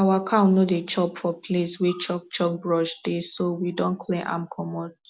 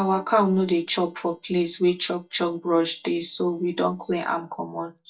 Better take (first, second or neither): first